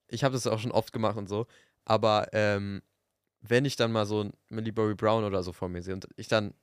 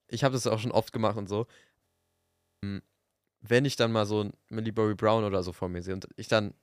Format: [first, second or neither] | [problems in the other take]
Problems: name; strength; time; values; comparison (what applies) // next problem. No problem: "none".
first | audio freezing; at 2 s for 1 s